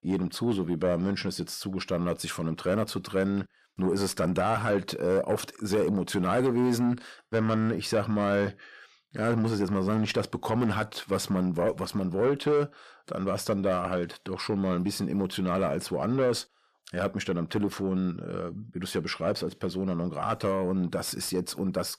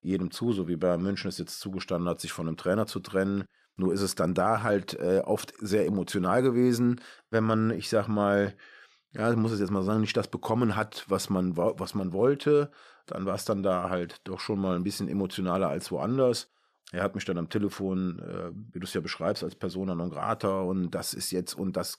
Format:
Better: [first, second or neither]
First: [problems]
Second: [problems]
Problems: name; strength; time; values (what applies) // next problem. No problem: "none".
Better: second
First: distortion; slight; 10 dB below the speech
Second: none